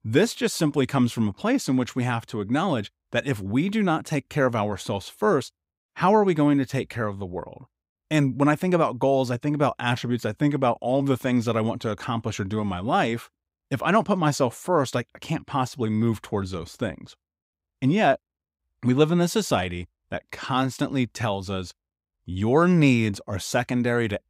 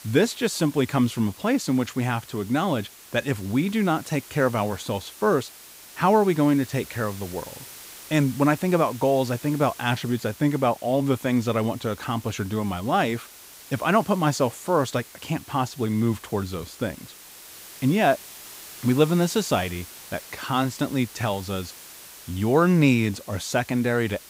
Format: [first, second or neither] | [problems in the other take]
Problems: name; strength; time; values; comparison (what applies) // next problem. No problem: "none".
first | hiss; noticeable; throughout; 20 dB below the speech